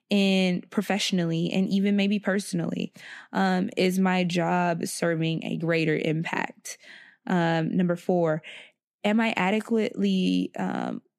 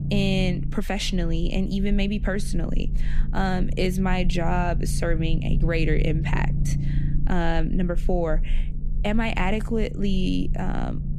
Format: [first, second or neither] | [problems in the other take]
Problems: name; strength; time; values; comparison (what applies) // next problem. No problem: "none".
first | low rumble; noticeable; throughout; 15 dB below the speech